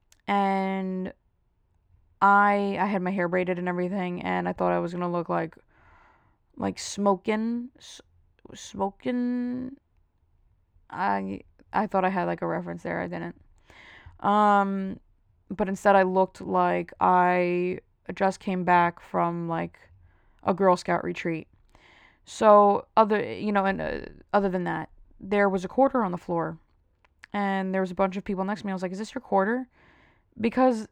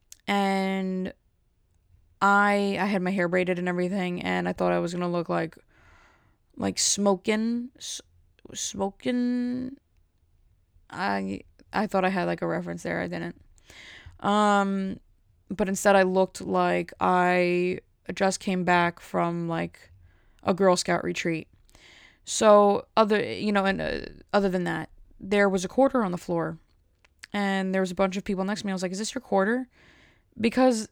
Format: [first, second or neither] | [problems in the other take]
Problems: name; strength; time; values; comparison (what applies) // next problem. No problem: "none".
second | muffled; slightly; fading above 3.5 kHz